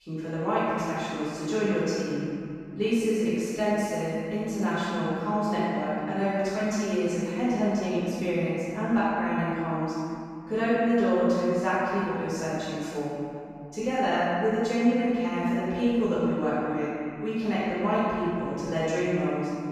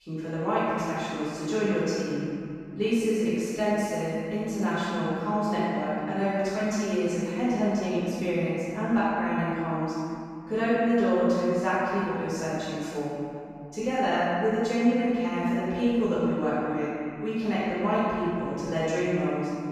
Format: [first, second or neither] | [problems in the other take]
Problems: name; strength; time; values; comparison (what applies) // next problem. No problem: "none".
neither | room echo; strong; dies away in 2.5 s; the same in both // off-mic speech; far; the same in both